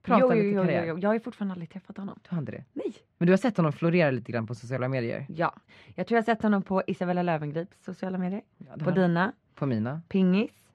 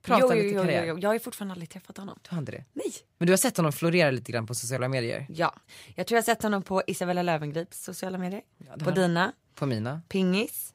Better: second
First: muffled; slightly; fading above 2.5 kHz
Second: none

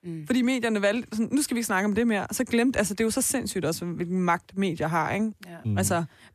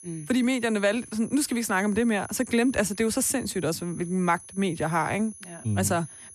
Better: first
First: none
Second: high-pitched whine; noticeable; throughout; 10.5 kHz, 15 dB below the speech

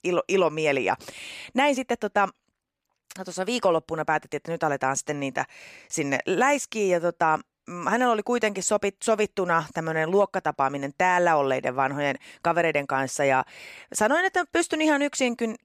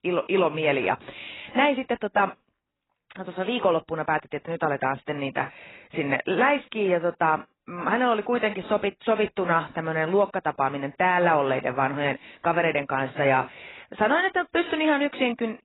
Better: first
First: none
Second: garbled, watery; badly; nothing above 4 kHz

